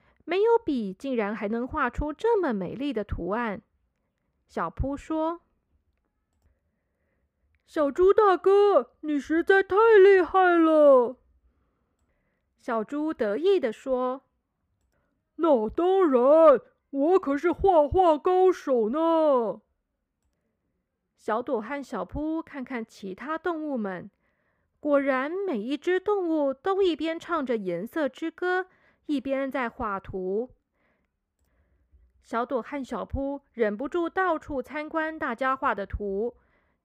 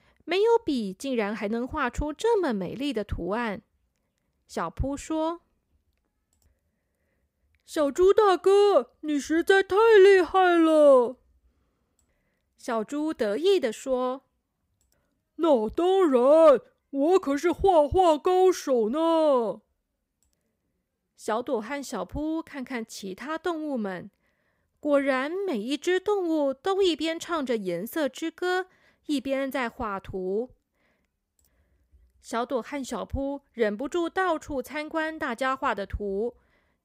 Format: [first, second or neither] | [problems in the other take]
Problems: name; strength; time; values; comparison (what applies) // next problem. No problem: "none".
second | muffled; slightly; fading above 3.5 kHz